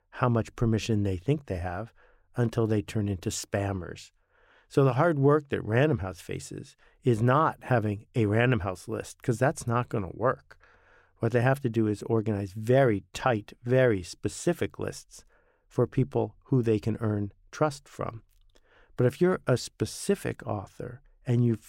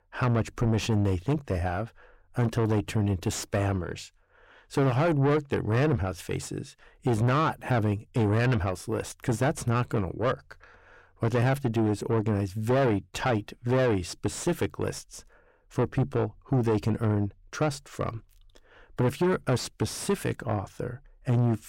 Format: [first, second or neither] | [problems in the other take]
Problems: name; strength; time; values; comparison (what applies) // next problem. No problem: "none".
first | distortion; heavy; 7 dB below the speech